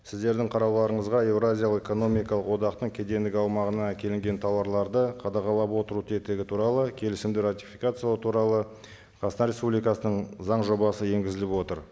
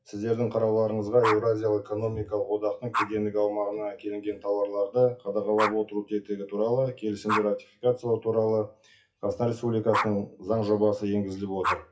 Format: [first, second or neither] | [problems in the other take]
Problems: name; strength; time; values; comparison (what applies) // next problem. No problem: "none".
first | noise reduction (classical method WPE with log-MMSE)